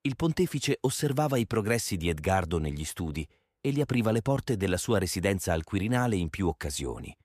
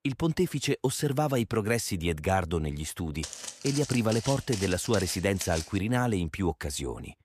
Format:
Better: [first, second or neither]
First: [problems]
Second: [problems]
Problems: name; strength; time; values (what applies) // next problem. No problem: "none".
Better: first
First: none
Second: footsteps; noticeable; from 3 to 6 s; peak 6 dB below the speech